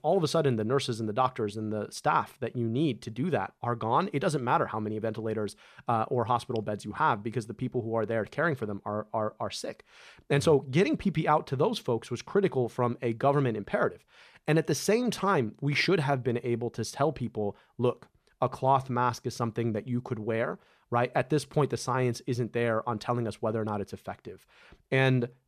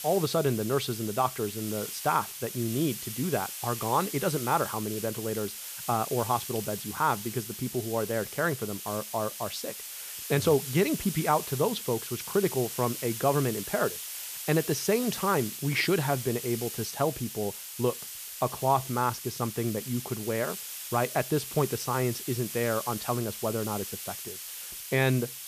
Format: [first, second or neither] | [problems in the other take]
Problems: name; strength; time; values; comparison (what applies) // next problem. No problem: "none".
first | hiss; loud; throughout; 7 dB below the speech